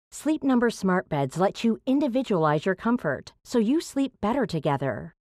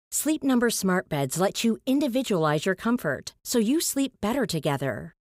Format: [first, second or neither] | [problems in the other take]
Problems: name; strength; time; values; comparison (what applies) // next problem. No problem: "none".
second | muffled; slightly; fading above 2 kHz